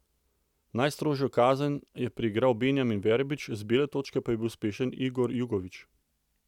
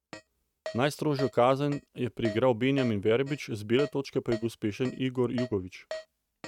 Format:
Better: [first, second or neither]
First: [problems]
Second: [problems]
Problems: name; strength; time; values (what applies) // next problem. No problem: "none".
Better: first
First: none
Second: noise reduction (neural mask model RNNoise)